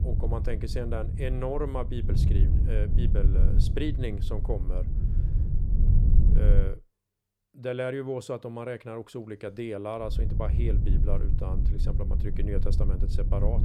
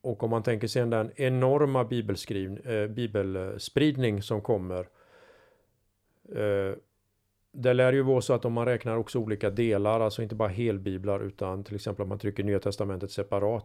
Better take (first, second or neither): second